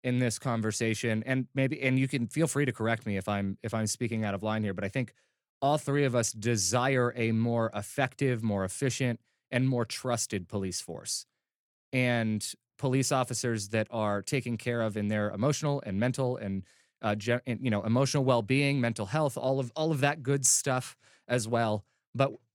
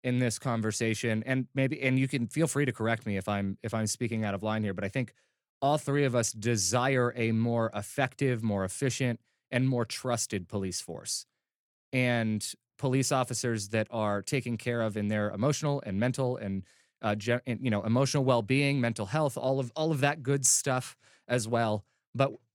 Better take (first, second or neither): neither